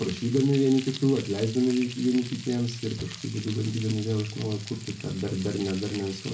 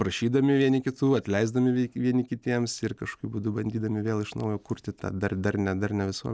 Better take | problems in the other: second | background sound (Frying (food)); 15 dB below the speech // room echo; dies away in 0.4 s

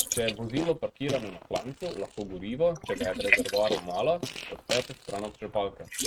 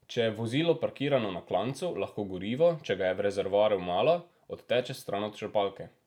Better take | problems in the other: second | noise reduction (neural mask model RNNoise)

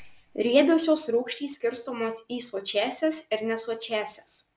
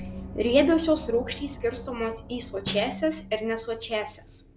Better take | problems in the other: first | background sound (Snare drum + Gong); 12 dB below the speech

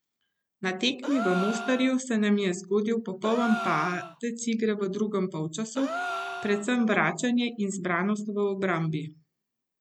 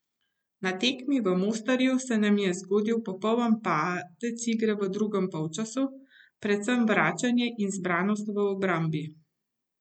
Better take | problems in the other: second | background sound (Gasp); 10 dB below the speech

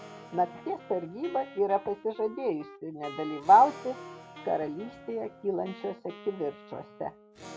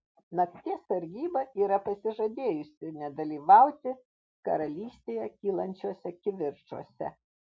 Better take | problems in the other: second | background sound (Electric guitar / Acoustic guitar + Wind instrument, woodwind instrument); 17 dB below the speech

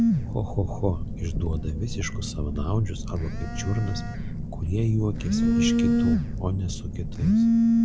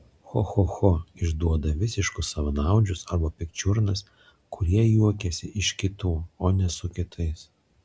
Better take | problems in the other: second | background sound (Telephone); 4 dB above the speech

